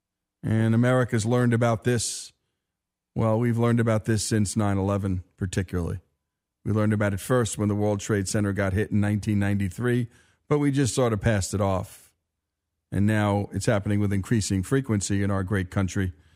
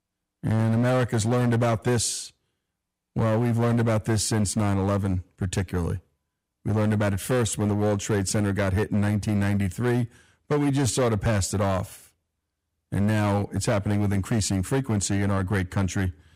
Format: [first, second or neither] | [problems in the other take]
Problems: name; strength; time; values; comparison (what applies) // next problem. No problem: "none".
first | distortion; slight; 12% of the sound clipped